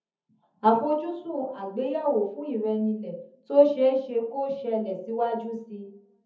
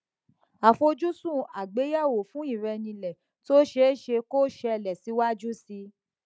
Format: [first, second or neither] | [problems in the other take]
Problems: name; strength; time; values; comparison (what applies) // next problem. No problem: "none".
second | room echo; dies away in 0.6 s